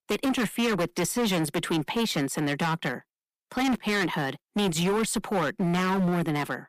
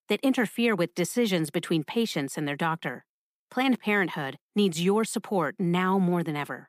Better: second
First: distortion; heavy; 21% of the sound clipped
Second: none

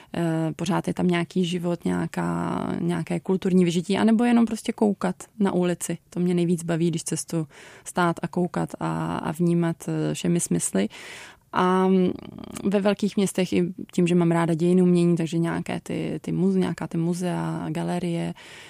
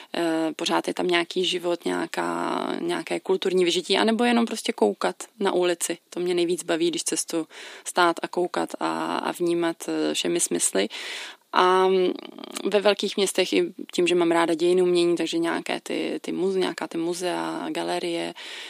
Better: first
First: none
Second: thin; somewhat; fading below 250 Hz

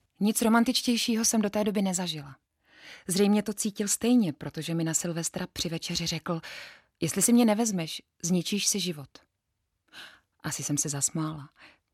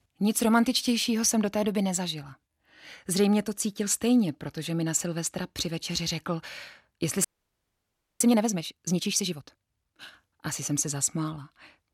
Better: first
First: none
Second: audio freezing; at 7.5 s for 1 s

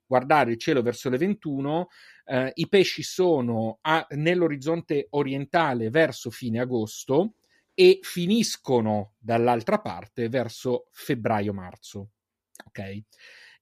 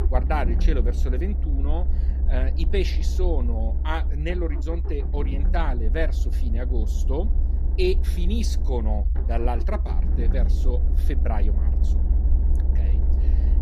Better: first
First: none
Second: low rumble; loud; throughout; 10 dB below the speech

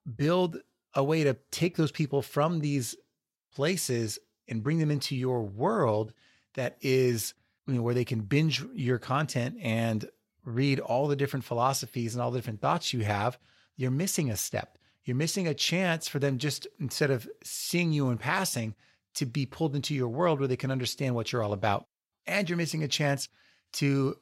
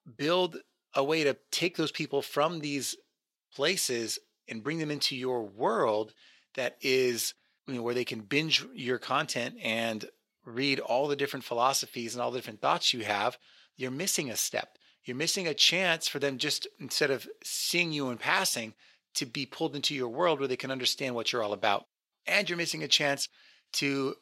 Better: first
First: none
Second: thin; somewhat; fading below 300 Hz

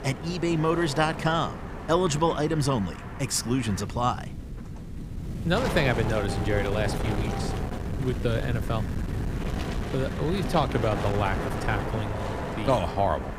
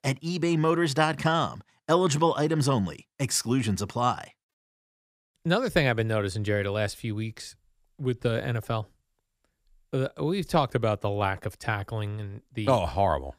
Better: second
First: wind noise on the microphone; heavy; 7 dB below the speech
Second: none

